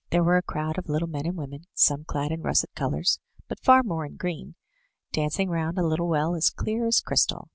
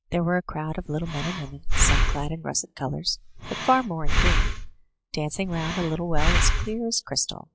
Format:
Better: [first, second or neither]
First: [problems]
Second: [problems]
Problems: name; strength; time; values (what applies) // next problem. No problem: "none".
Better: first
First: none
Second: noise reduction (classical method log-MMSE)